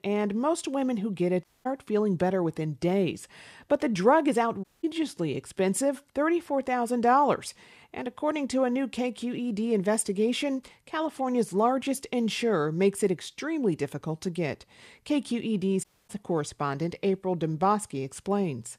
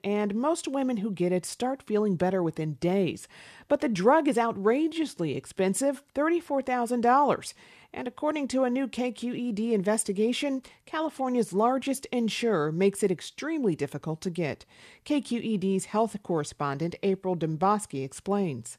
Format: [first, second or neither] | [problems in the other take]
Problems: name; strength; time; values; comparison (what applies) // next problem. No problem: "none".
second | audio cutting out; at 1.5 s, at 4.5 s and at 16 s